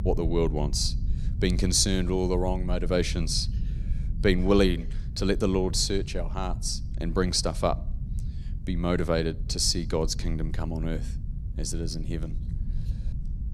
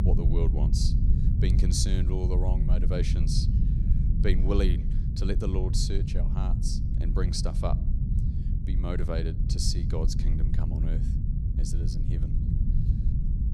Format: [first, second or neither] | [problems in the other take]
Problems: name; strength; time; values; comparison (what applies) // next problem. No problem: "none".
first | low rumble; loud; throughout; 5 dB below the speech; faint in the first